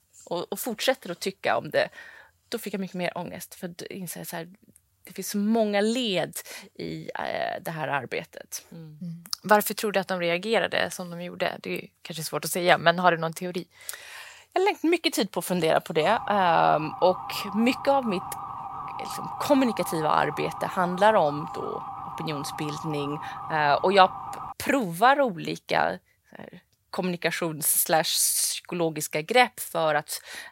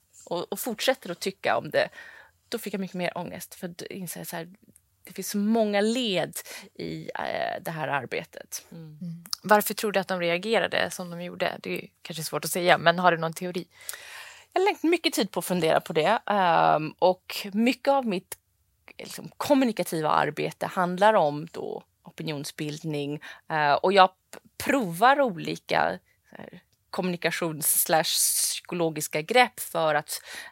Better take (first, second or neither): second